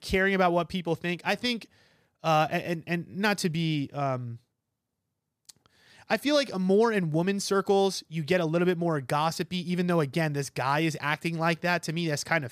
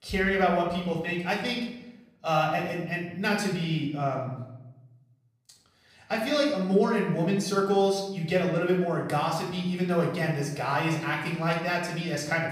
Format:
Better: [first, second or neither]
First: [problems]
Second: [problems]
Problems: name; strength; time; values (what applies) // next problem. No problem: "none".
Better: first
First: none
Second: off-mic speech; far // room echo; noticeable; dies away in 0.8 s